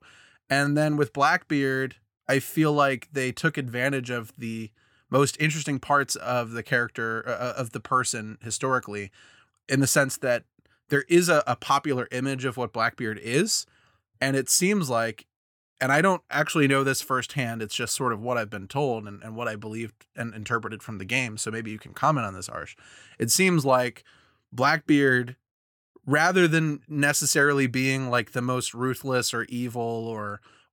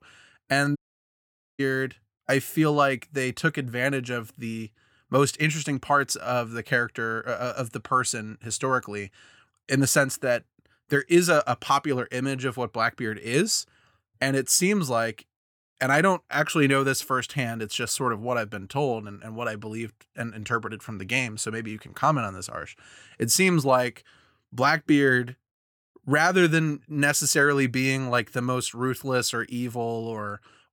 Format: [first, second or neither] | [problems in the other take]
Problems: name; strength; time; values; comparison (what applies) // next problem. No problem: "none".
first | audio cutting out; at 1 s for 1 s